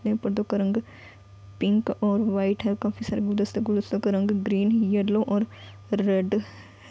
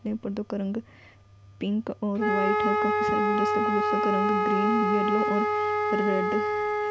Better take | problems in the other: first | background sound (Wind instrument, woodwind instrument); 3 dB above the speech

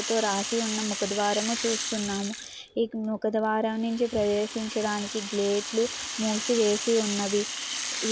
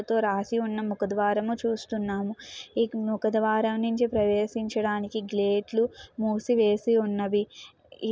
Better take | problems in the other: second | background sound (Rattle (instrument)); 6 dB below the speech

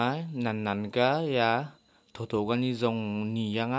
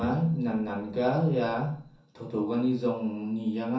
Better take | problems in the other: first | background sound (Bowed string instrument); 16 dB below the speech // room echo; dies away in 0.6 s

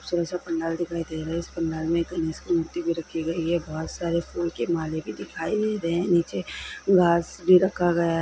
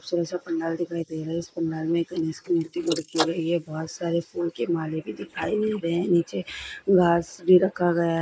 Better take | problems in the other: first | noise reduction (neural mask model Resemble Enhance denoiser)

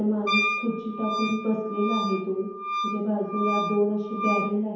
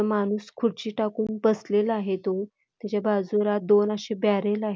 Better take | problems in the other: second | background sound (Wind instrument, woodwind instrument); 3 dB below the speech // room echo; dies away in 1 s

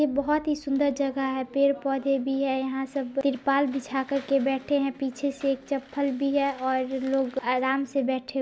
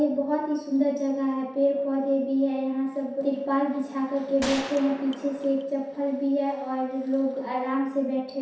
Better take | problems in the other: first | background sound (Gunshot, gunfire); 11 dB below the speech // room echo; dies away in 0.7 s

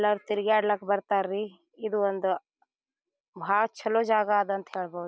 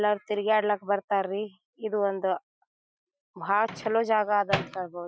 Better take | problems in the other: first | noise reduction (classical method Wiener filter)

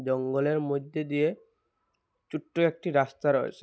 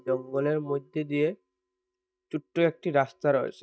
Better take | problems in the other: first | noise reduction (neural mask model DeepFilterNet 3)

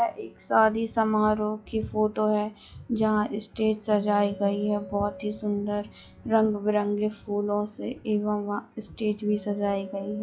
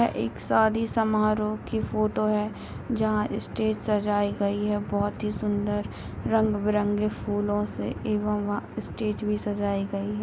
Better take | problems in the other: second | noise reduction (classical method log-MMSE)

